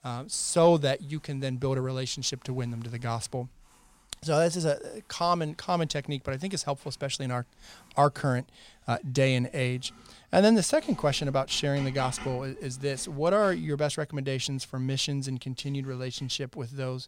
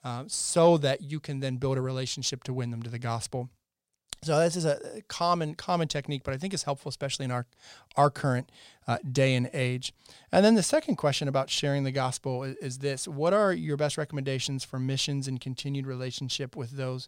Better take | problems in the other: second | household noises; faint; throughout; 25 dB below the speech

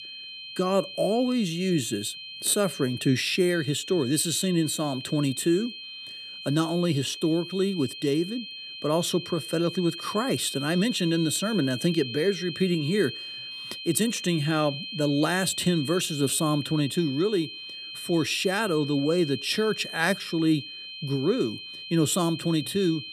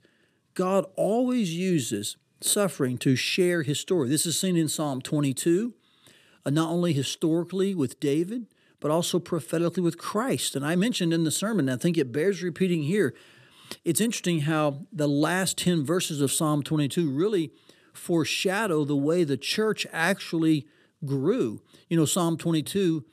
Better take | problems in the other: second | high-pitched whine; loud; throughout; 3 kHz, 10 dB below the speech

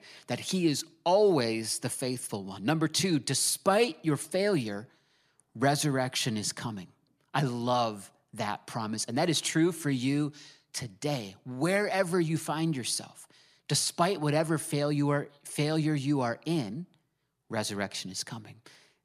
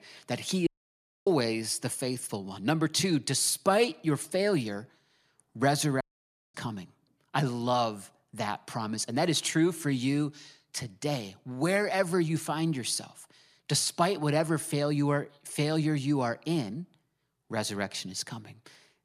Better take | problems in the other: first | audio cutting out; at 0.5 s for 0.5 s and at 6 s for 0.5 s

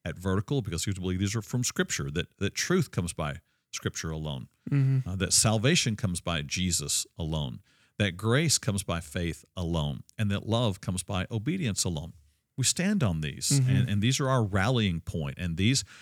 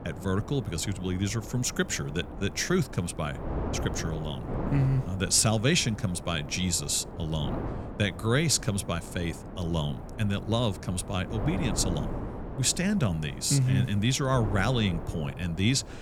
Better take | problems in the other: first | wind noise on the microphone; occasional gusts; 10 dB below the speech

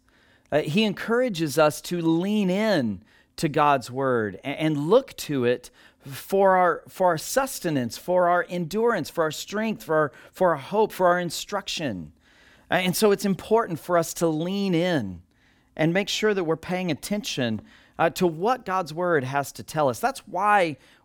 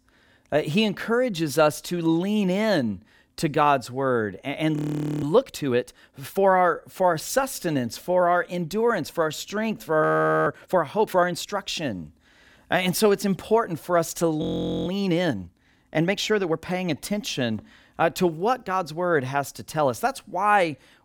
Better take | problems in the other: first | audio freezing; at 5 s, at 10 s and at 14 s

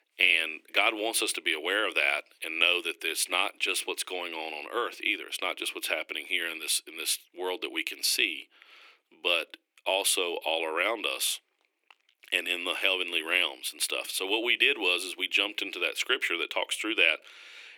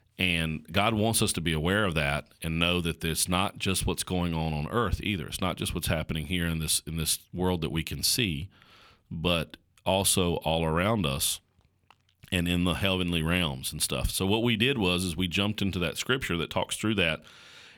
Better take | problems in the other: second | thin; very; fading below 300 Hz

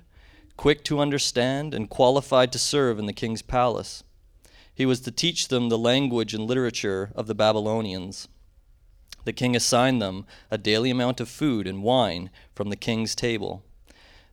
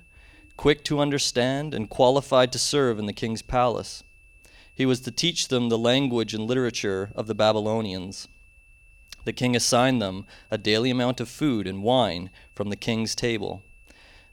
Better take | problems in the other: first | high-pitched whine; faint; throughout; 2.5 kHz, 30 dB below the speech

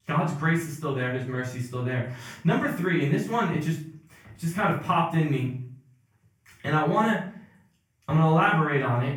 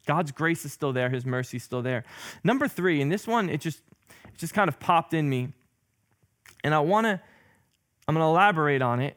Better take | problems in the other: second | off-mic speech; far // room echo; noticeable; dies away in 0.4 s

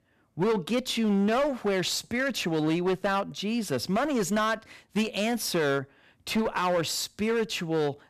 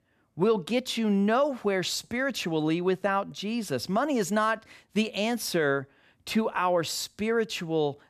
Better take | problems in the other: second | distortion; slight; 15% of the sound clipped

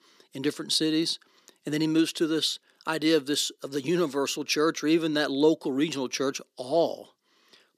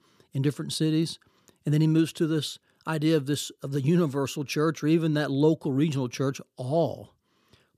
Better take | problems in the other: second | thin; somewhat; fading below 250 Hz

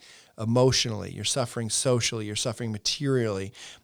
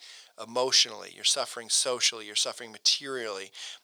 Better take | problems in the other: first | thin; very; fading below 650 Hz

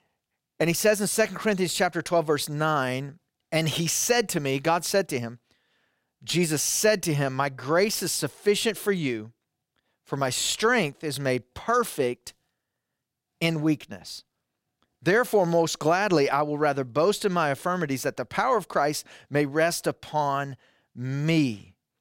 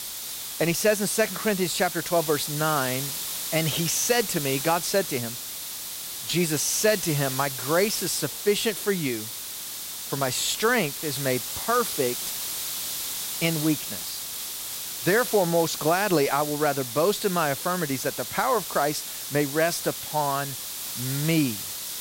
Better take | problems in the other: first | hiss; loud; throughout; 5 dB below the speech

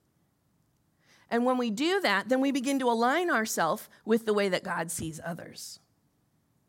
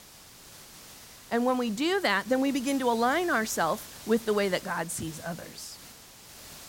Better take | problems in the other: first | hiss; noticeable; throughout; 15 dB below the speech

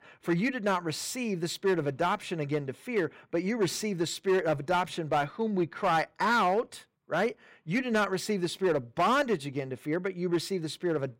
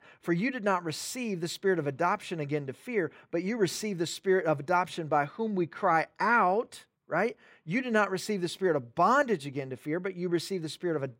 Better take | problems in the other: second | distortion; slight; 5% of the sound clipped

